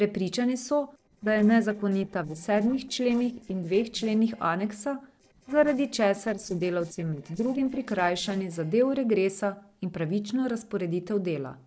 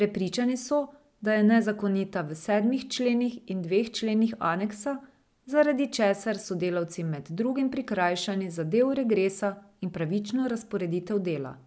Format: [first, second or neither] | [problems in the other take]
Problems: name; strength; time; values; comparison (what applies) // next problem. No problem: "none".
second | noise reduction (neural separator model SepFormer DNS4)